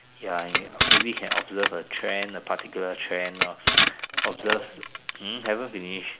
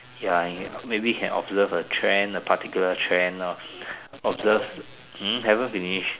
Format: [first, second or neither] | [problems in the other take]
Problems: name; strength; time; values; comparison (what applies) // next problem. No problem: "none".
second | background sound (Crushing); 4 dB above the speech